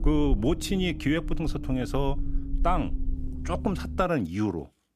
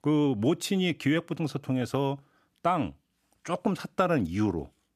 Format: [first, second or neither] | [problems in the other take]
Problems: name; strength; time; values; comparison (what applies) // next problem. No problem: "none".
second | low rumble; noticeable; until 4 s; 15 dB below the speech